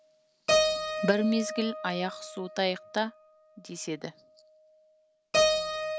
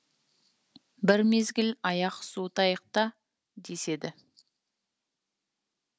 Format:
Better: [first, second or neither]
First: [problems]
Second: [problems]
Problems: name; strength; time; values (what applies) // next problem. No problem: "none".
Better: second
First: background sound (Keyboard (musical)); 1 dB above the speech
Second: none